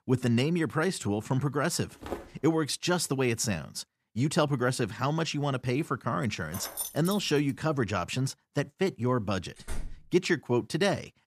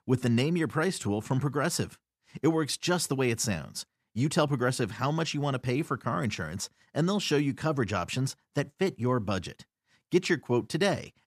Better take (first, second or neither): second